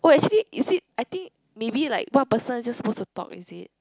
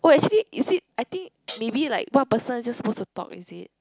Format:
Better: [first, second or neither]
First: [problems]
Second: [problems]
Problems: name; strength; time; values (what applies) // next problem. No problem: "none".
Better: first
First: none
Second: background sound (Hi-hat); 16 dB below the speech